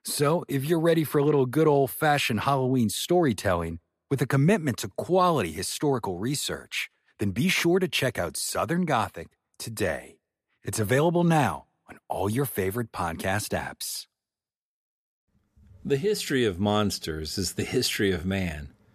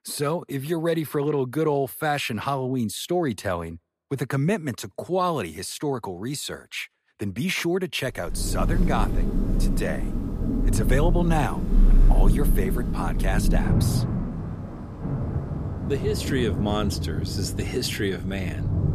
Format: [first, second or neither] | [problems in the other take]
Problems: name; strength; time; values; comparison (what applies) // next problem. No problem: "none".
first | rain or running water; very loud; from 8.5 s on; 1 dB above the speech